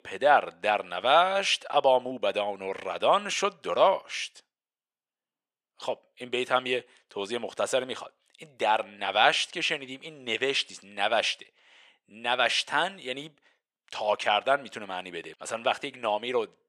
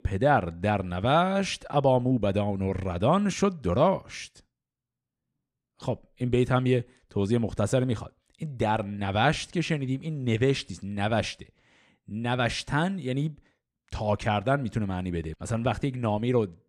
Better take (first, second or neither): second